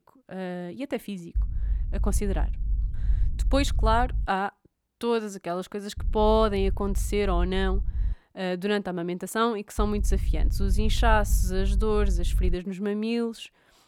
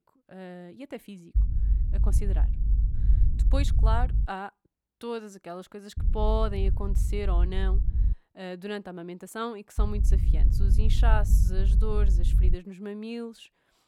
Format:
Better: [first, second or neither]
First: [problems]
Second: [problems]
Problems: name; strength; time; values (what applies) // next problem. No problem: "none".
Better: first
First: low rumble; faint; from 1.5 to 4.5 s, from 6 to 8 s and from 10 to 13 s; 20 dB below the speech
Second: low rumble; loud; from 1.5 to 4.5 s, from 6 to 8 s and from 10 to 13 s; 10 dB below the speech